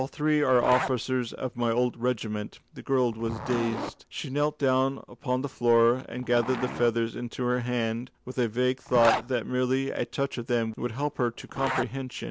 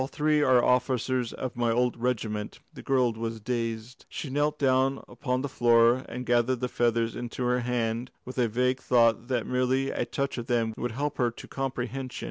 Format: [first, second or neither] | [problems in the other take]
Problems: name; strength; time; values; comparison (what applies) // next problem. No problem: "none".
second | background sound (Zipper (clothing)); 11 dB below the speech